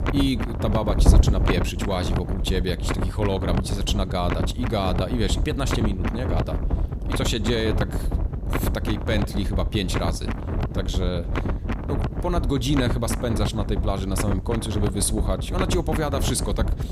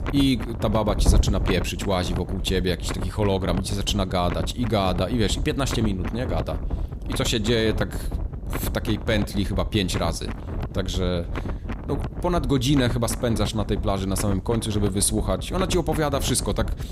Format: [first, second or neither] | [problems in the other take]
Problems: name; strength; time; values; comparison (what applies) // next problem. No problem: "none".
second | wind noise on the microphone; heavy; 4 dB below the speech; occasional gusts in the second